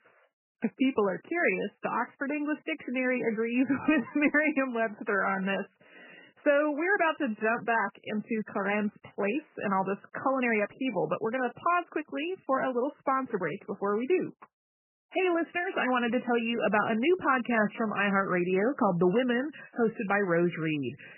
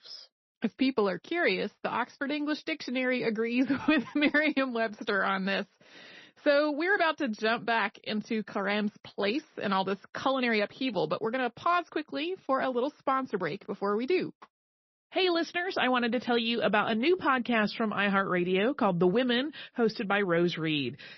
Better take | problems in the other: second | garbled, watery; badly; nothing above 3 kHz; slightly in the second

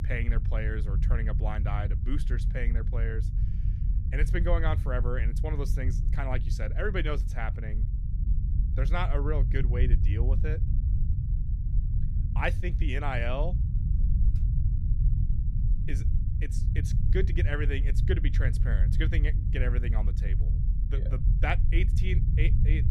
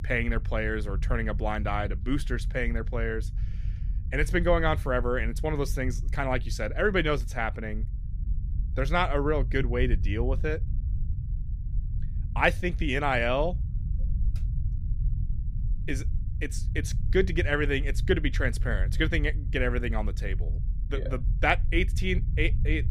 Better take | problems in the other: second | low rumble; loud; throughout; 9 dB below the speech; faint in the second

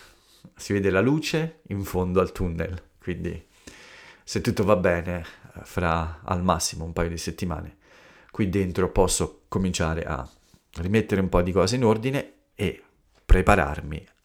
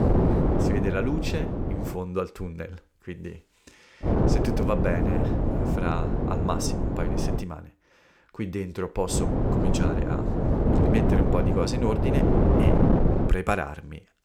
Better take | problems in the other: first | wind noise on the microphone; heavy; until 2 s, from 4 to 7.5 s and from 9 to 13 s; 2 dB above the speech

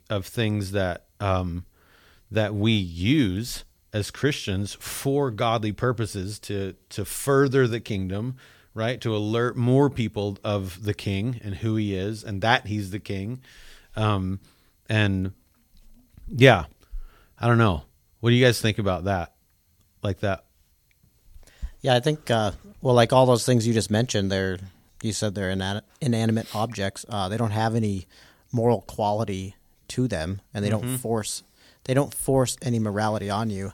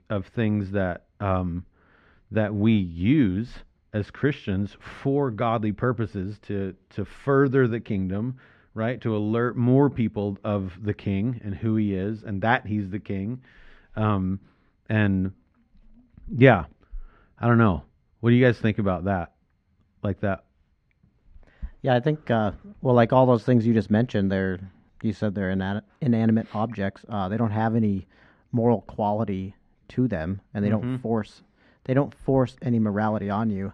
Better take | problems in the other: first | muffled; very; fading above 2 kHz

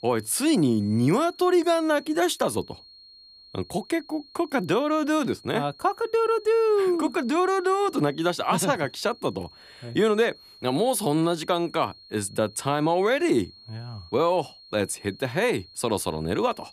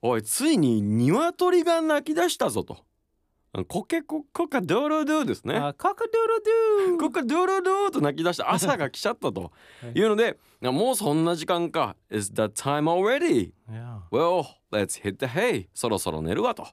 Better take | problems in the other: second | high-pitched whine; faint; throughout; 4.5 kHz, 25 dB below the speech

